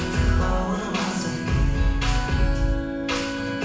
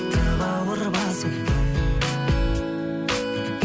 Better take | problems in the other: second | room echo; dies away in 0.9 s

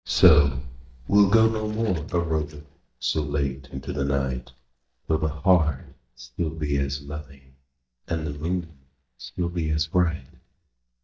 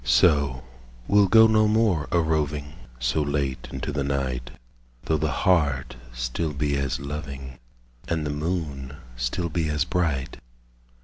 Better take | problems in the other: second | noise reduction (neural mask model DeepFilterNet 3)

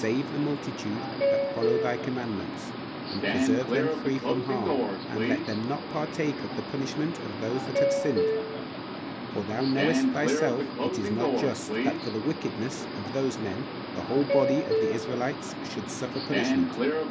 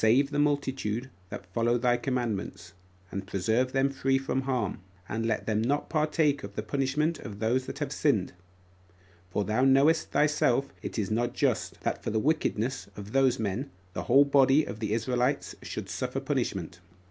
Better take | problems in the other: second | background sound (Subway, metro, underground); 2 dB above the speech

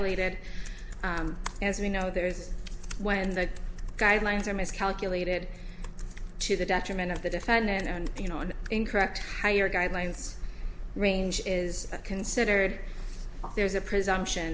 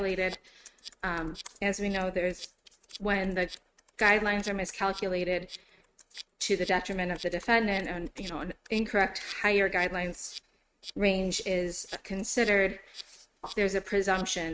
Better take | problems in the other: first | noise reduction (neural mask model RNNoise)

